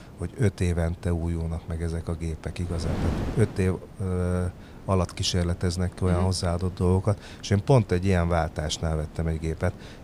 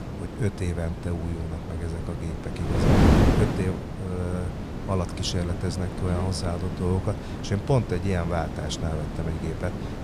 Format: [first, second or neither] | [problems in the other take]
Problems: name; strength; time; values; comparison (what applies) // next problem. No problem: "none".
first | wind noise on the microphone; heavy; as loud as the speech; occasional gusts in the first